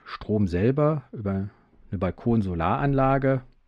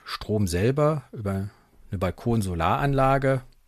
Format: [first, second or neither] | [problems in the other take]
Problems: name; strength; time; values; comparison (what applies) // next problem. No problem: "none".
second | muffled; slightly; fading above 3 kHz